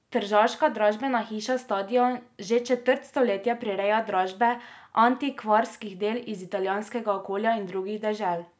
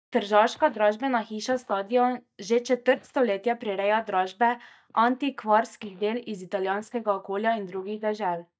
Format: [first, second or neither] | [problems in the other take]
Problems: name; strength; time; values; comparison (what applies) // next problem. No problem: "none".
first | noise reduction (neural mask model DeepFilterNet 3)